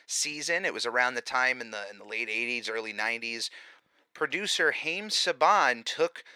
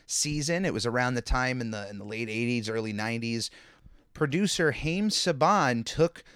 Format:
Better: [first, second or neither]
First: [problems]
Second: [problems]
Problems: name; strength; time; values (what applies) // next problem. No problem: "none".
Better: second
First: thin; very; fading below 500 Hz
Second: none